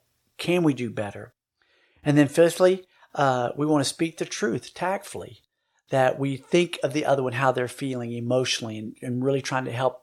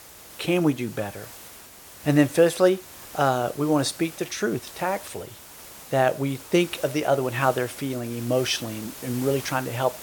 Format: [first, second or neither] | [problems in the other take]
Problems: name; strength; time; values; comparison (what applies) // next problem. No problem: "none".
first | hiss; noticeable; throughout; 15 dB below the speech